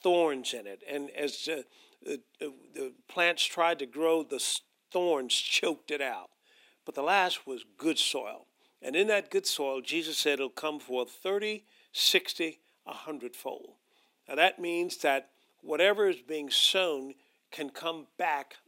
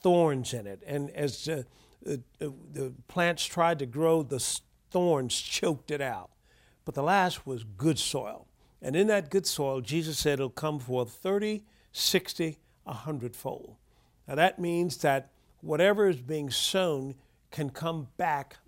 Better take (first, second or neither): second